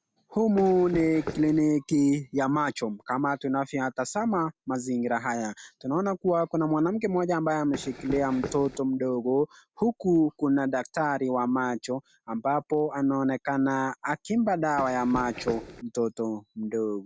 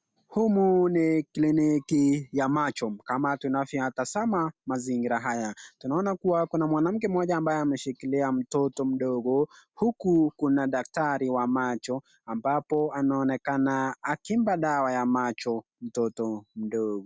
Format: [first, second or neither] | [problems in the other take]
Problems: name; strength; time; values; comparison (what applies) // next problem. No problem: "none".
second | background sound (Run); 11 dB below the speech